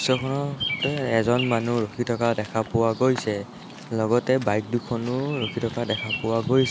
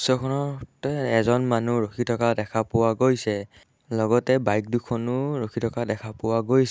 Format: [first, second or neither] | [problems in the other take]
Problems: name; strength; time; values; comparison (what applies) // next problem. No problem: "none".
second | background sound (Bird vocalization, bird call, bird song); 10 dB below the speech